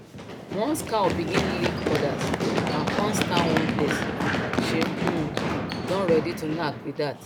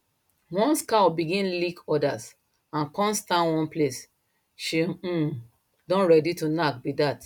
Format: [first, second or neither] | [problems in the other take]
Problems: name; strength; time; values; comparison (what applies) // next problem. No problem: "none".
second | background sound (Run); 2 dB above the speech